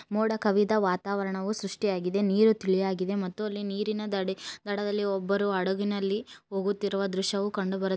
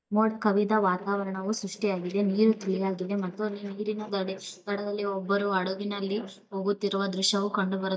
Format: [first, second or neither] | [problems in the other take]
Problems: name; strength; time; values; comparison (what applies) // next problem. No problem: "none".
first | noise reduction (neural mask model DeepFilterNet 3)